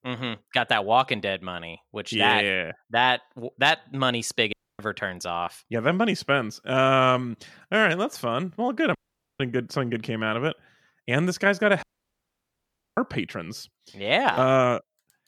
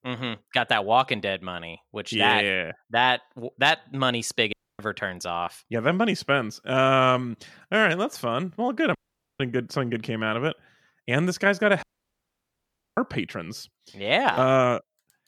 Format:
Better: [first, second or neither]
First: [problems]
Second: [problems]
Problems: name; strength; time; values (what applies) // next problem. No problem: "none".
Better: neither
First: audio cutting out; at 4.5 s, at 9 s and at 12 s for 1 s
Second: audio cutting out; at 4.5 s, at 9 s and at 12 s for 1 s